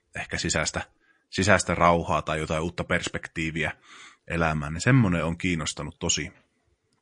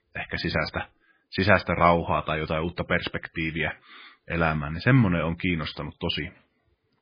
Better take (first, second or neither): first